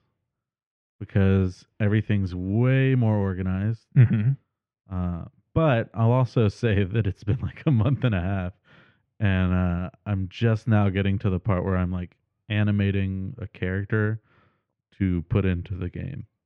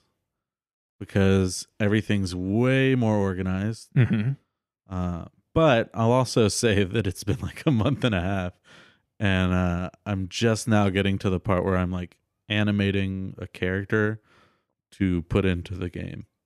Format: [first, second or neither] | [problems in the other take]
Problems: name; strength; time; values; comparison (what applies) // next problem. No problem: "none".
second | muffled; slightly; fading above 2.5 kHz